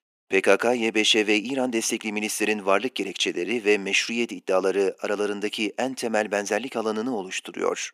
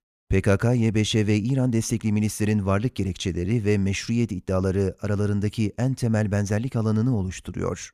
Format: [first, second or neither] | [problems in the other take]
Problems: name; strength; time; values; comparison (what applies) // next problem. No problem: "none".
second | thin; very; fading below 300 Hz